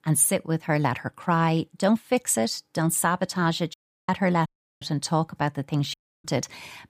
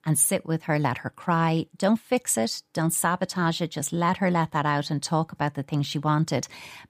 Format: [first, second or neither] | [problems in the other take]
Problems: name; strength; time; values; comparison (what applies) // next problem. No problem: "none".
second | audio cutting out; at 3.5 s, at 4.5 s and at 6 s